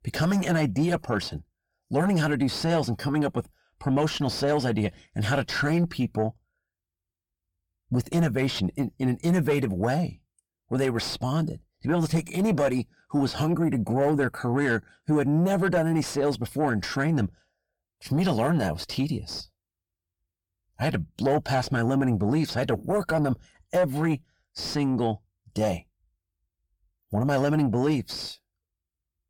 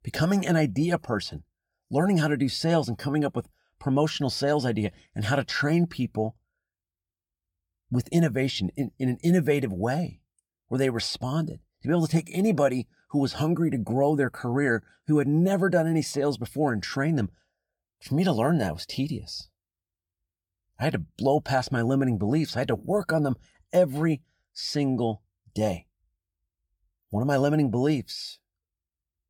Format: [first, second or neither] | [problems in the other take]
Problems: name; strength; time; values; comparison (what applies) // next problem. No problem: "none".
second | distortion; slight; 9 dB below the speech